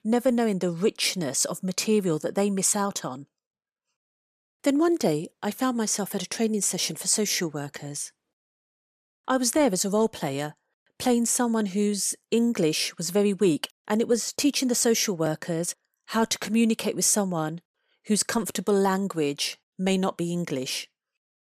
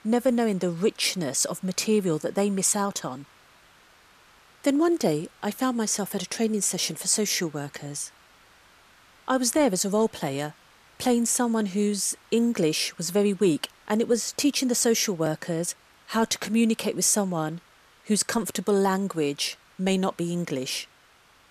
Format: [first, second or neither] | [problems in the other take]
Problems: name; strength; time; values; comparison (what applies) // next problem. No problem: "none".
first | hiss; faint; throughout; 30 dB below the speech